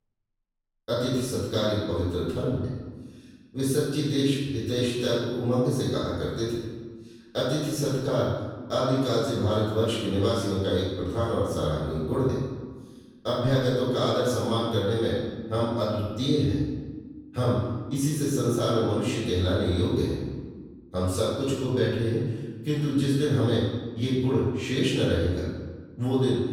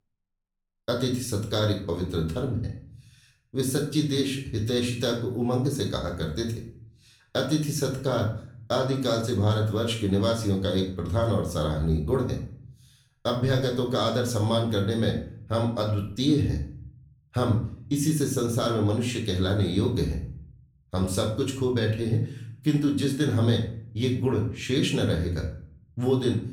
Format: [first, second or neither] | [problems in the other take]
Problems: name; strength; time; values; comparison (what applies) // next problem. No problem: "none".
second | room echo; strong; dies away in 1.3 s; slight in the second // off-mic speech; far; somewhat distant in the second